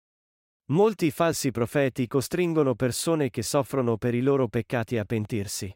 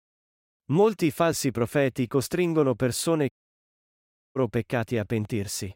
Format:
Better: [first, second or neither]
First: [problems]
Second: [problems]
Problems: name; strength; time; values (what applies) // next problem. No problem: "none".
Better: first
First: none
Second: audio cutting out; at 3.5 s for 1 s